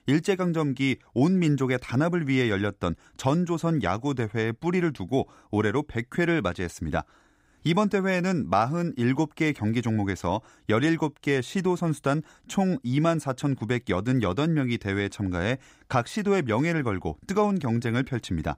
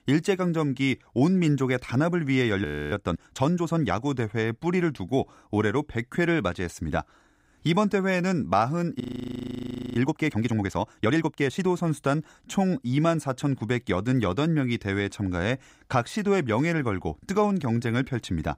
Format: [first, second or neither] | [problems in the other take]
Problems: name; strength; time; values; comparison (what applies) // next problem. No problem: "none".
first | audio freezing; at 2.5 s and at 9 s for 1 s